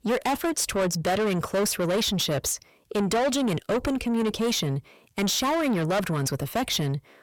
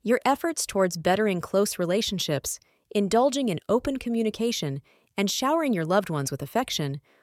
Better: second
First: distortion; heavy; 7 dB below the speech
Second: none

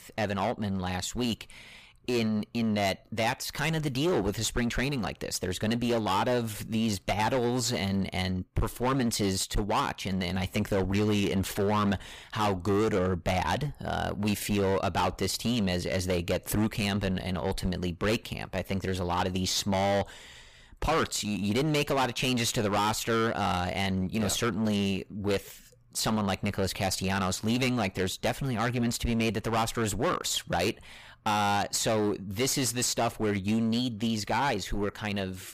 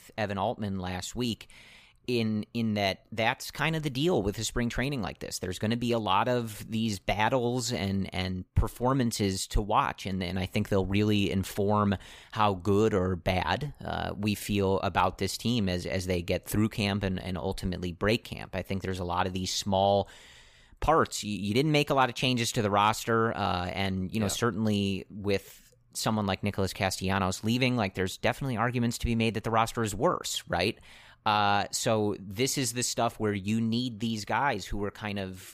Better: second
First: distortion; heavy; 15% of the sound clipped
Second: none

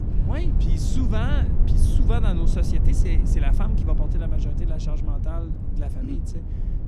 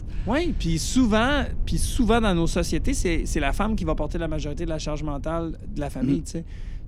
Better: second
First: low rumble; loud; throughout; 2 dB below the speech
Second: low rumble; faint; throughout; 20 dB below the speech

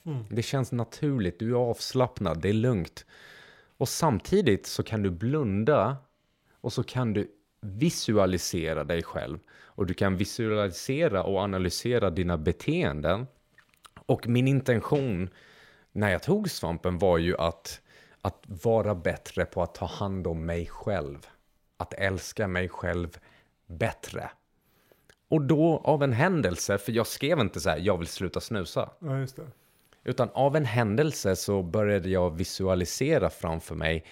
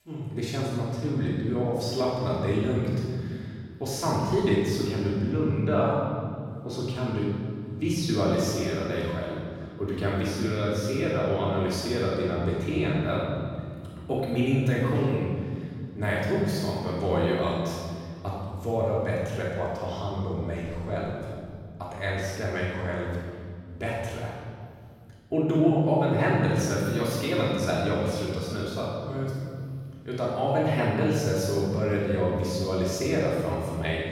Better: first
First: none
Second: room echo; strong; dies away in 2 s // off-mic speech; far

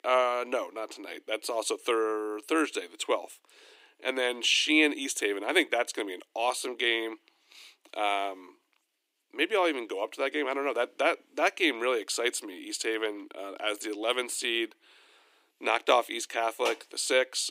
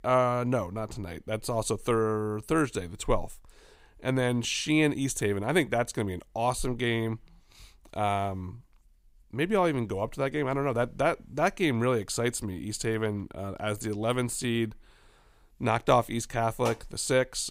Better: second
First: thin; somewhat; fading below 300 Hz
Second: none

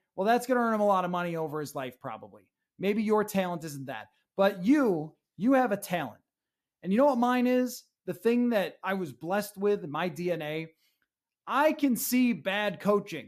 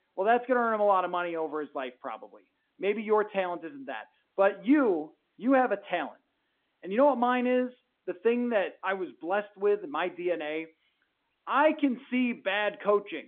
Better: first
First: none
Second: phone-call audio; nothing above 3.5 kHz

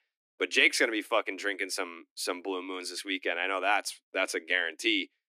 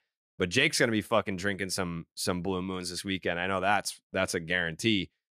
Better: second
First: thin; somewhat; fading below 300 Hz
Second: none

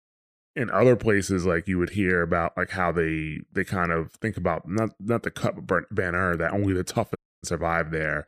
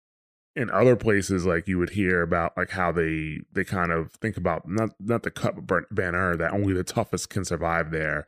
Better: second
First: audio cutting out; at 7 s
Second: none

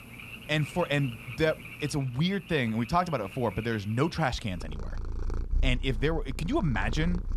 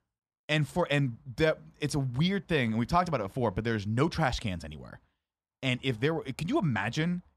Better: second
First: animal sounds; noticeable; throughout; 10 dB below the speech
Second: none

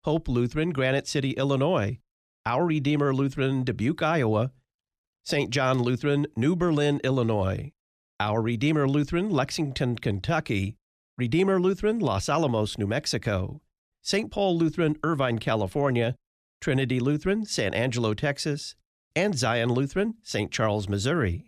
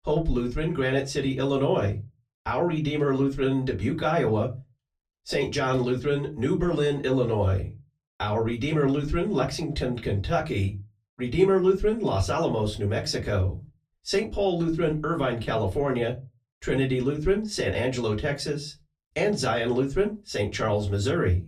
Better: first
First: none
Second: off-mic speech; far // room echo; very slight; dies away in 0.2 s

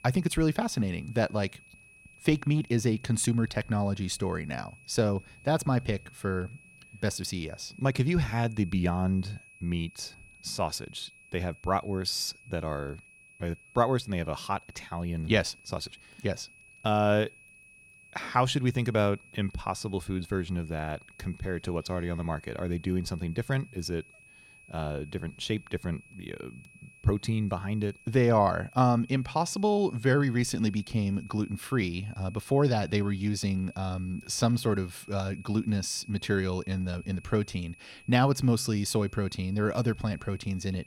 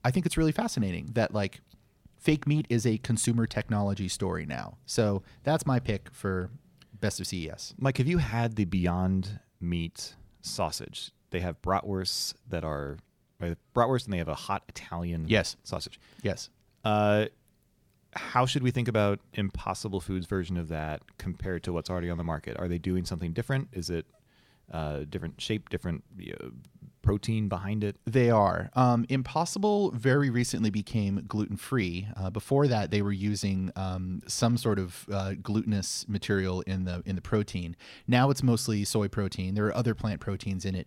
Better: second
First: high-pitched whine; faint; throughout; 2.5 kHz, 25 dB below the speech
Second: none

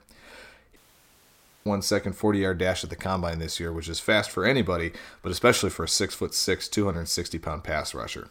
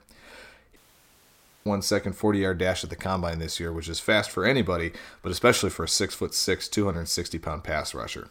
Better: neither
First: audio cutting out; at 1 s for 1 s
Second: audio cutting out; at 1 s for 1 s

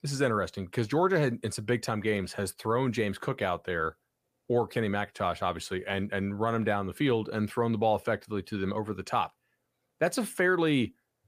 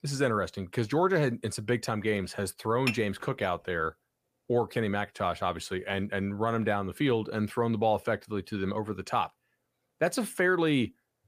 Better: first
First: none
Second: clattering dishes; noticeable; at 3 s; peak 4 dB below the speech

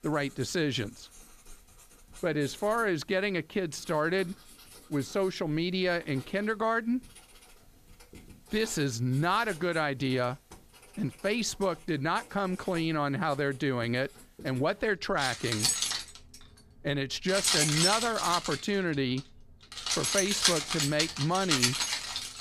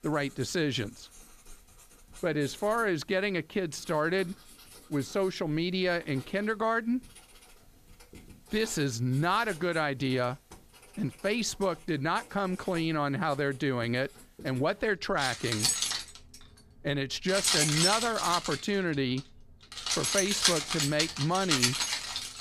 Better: neither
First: household noises; very loud; throughout; 2 dB above the speech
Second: household noises; very loud; throughout; 2 dB above the speech

